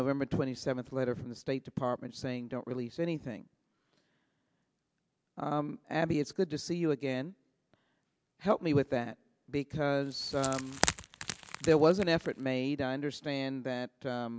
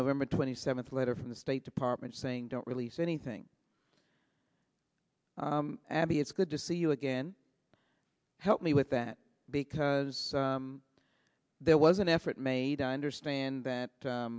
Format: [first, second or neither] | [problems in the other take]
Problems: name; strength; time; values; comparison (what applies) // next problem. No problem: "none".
second | background sound (Wood); 6 dB below the speech